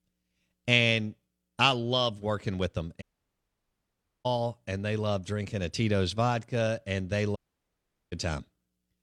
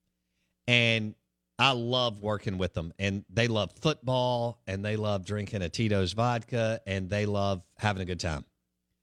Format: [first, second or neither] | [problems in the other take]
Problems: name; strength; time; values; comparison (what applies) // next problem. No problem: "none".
second | audio cutting out; at 3 s for 1 s and at 7.5 s for 0.5 s